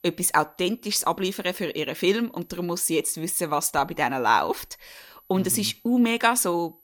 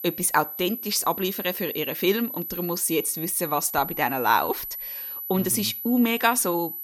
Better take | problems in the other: first | high-pitched whine; loud; throughout; 12 kHz, 7 dB below the speech; faint in the first

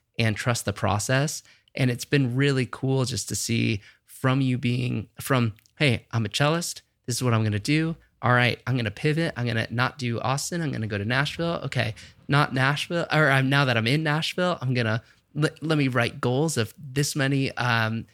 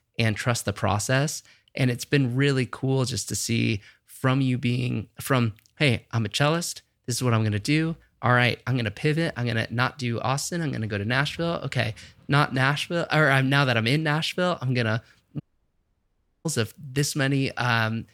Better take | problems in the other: first | audio cutting out; at 15 s for 1 s

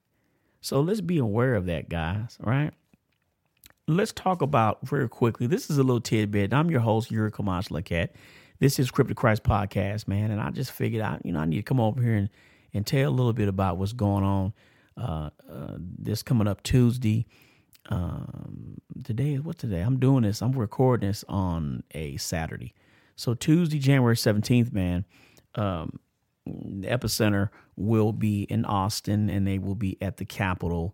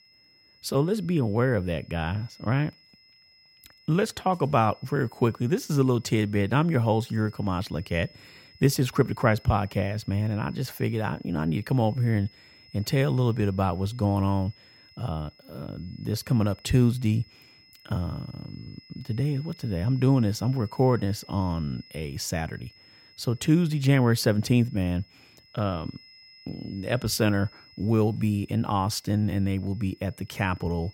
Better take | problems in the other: first | high-pitched whine; faint; throughout; 5 kHz, 25 dB below the speech

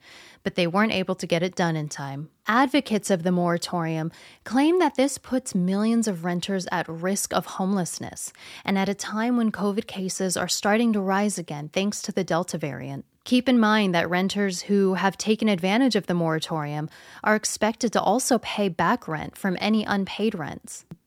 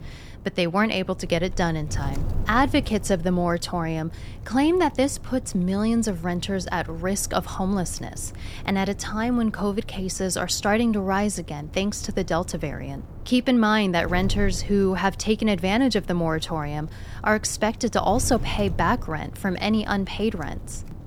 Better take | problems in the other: first | wind noise on the microphone; occasional gusts; 20 dB below the speech

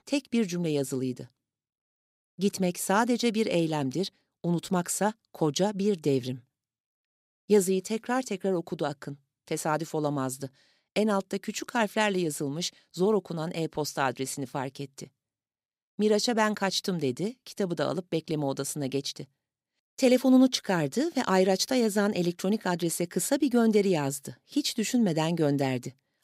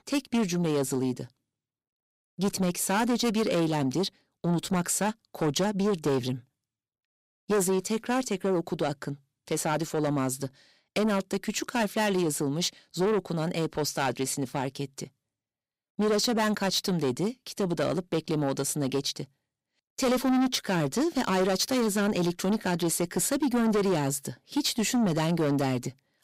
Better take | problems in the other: first | distortion; heavy; 7 dB below the speech

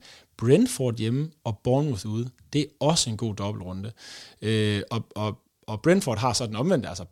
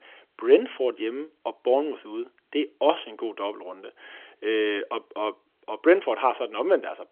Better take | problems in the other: first | phone-call audio; nothing above 3.5 kHz

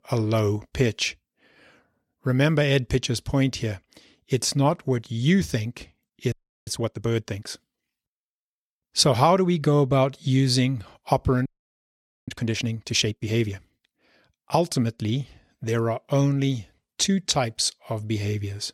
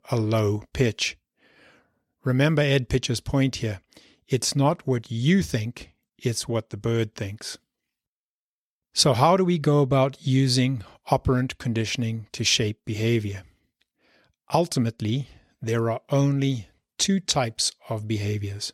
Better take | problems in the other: second | audio freezing; at 6.5 s and at 11 s for 1 s

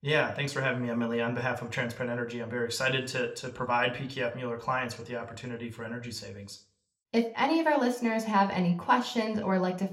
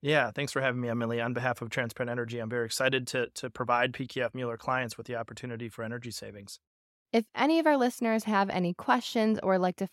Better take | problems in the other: second | room echo; very slight; dies away in 0.4 s

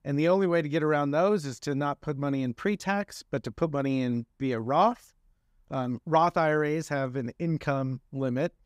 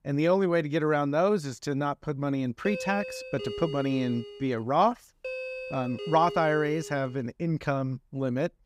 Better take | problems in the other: first | doorbell; noticeable; from 2.5 to 7 s; peak 7 dB below the speech

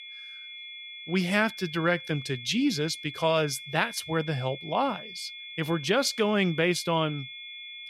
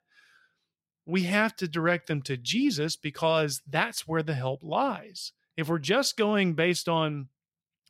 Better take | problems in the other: second | high-pitched whine; noticeable; throughout; 3.5 kHz, 10 dB below the speech

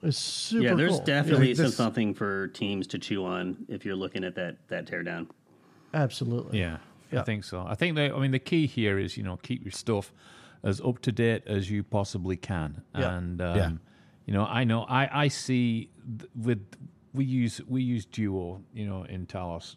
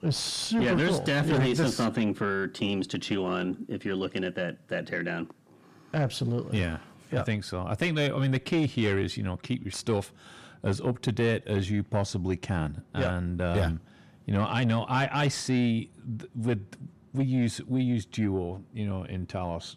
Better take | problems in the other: first | distortion; slight; 10 dB below the speech

